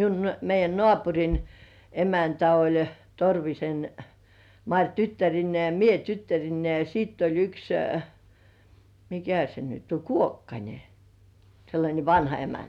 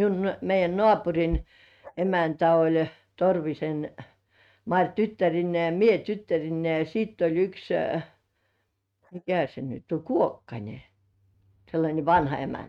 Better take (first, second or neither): first